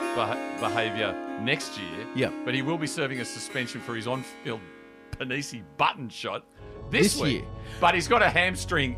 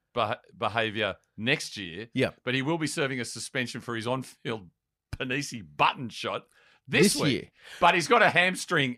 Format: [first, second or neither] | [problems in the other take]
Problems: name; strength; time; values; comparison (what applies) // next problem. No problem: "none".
second | background music; noticeable; throughout; 10 dB below the speech